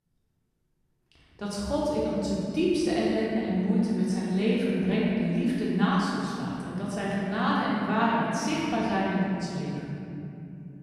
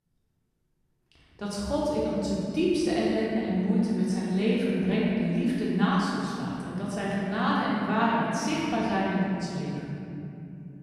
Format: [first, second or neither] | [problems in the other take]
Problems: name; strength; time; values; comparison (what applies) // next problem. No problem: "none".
neither | room echo; strong; dies away in 3 s; the same in both // off-mic speech; far; the same in both